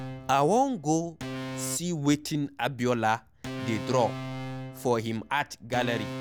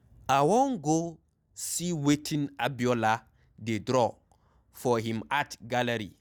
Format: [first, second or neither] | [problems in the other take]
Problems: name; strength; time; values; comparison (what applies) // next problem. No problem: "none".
second | background sound (Organ); 10 dB below the speech